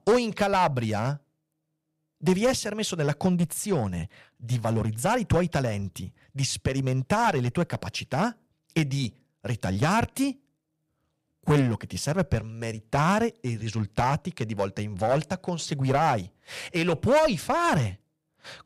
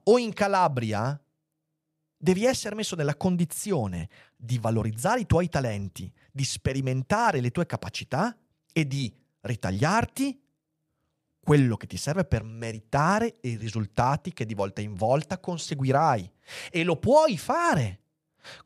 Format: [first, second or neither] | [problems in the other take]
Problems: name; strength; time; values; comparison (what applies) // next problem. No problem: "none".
second | distortion; slight; 4% of the sound clipped